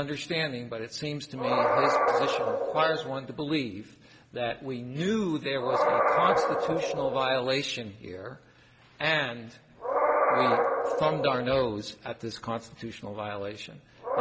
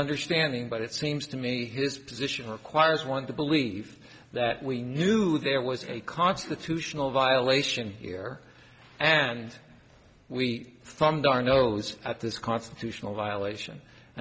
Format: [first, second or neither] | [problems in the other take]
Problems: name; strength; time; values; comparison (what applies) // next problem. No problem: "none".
second | background sound (Animal); 2 dB above the speech